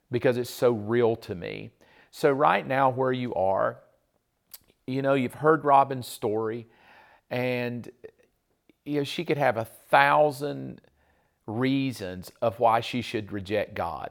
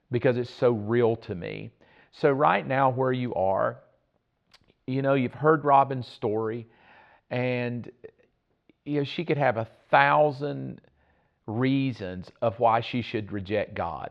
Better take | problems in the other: first | muffled; very slightly; fading above 4 kHz

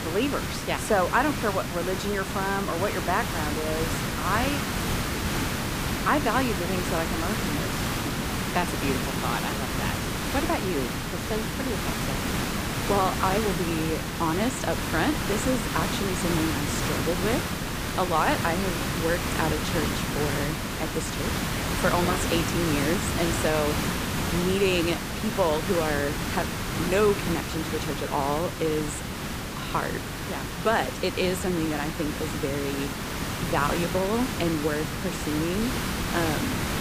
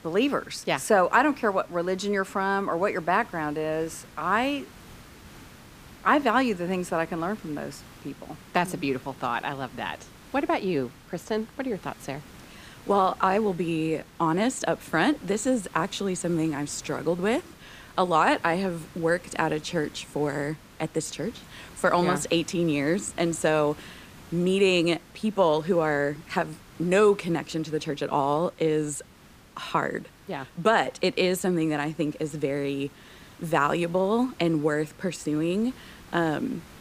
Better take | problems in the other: second | hiss; loud; throughout; as loud as the speech; faint in the second

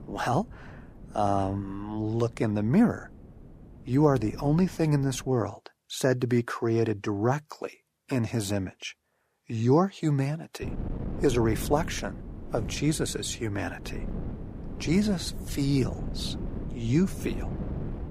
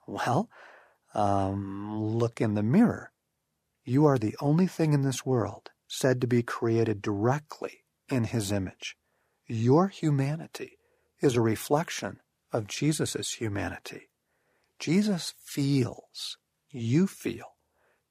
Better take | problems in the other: second | wind noise on the microphone; occasional gusts; until 5.5 s and from 11 s on; 15 dB below the speech

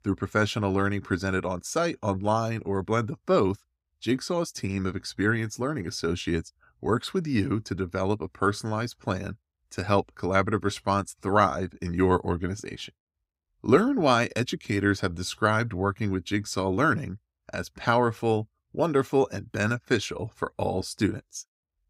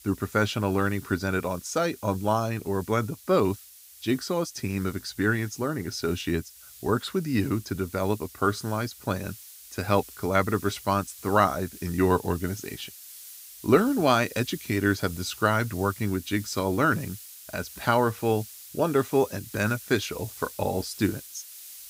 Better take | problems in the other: first | hiss; noticeable; throughout; 15 dB below the speech

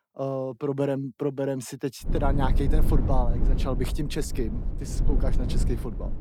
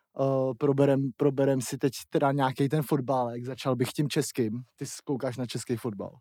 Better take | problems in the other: second | low rumble; loud; from 2 s on; 9 dB below the speech

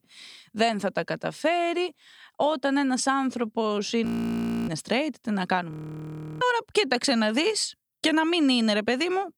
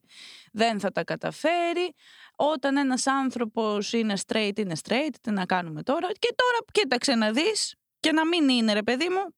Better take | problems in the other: second | audio freezing; at 4 s for 0.5 s and at 5.5 s for 0.5 s

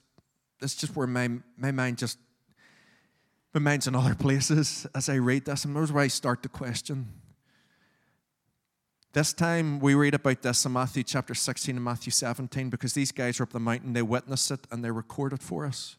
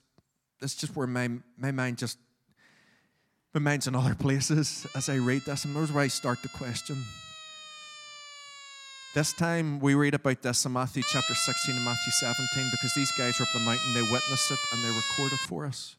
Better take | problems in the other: first | siren; faint; from 5 to 9.5 s; peak 15 dB below the speech // siren; loud; from 11 to 15 s; peak 3 dB above the speech

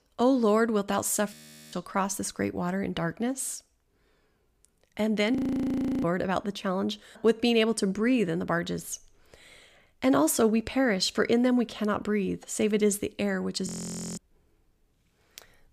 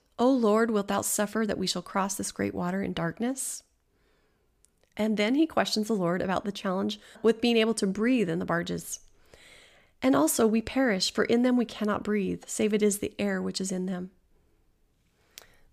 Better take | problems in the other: second | audio freezing; at 1.5 s, at 5.5 s for 0.5 s and at 14 s for 0.5 s

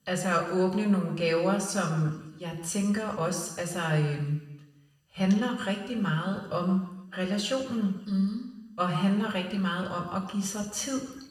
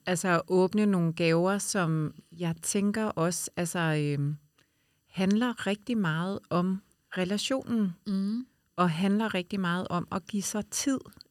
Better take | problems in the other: second | room echo; noticeable; dies away in 0.9 s // off-mic speech; somewhat distant

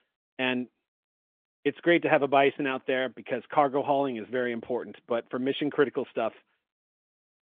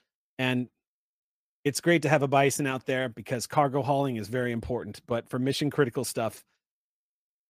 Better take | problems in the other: second | phone-call audio; nothing above 3.5 kHz

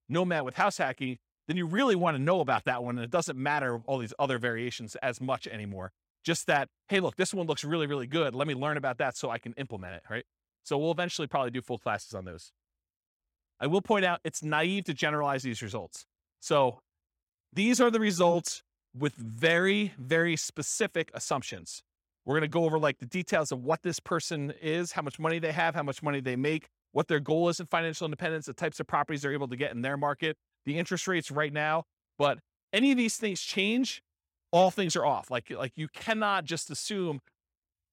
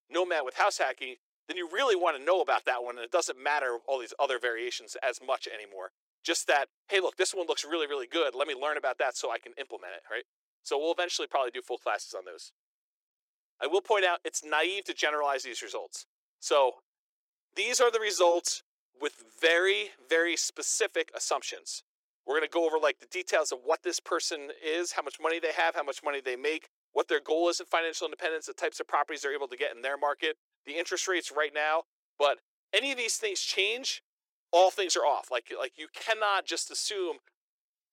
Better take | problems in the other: first | thin; very; fading below 350 Hz

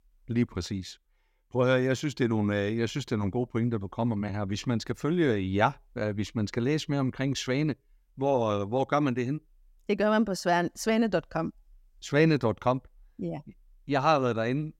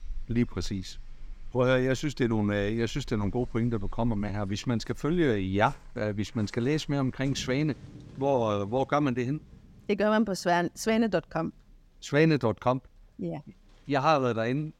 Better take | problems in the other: first | rain or running water; faint; throughout; 20 dB below the speech

